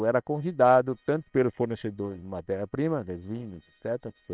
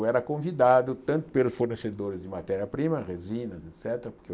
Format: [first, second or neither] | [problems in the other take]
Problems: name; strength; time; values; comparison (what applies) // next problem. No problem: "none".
second | noise reduction (neural separator model SepFormer WHAM!)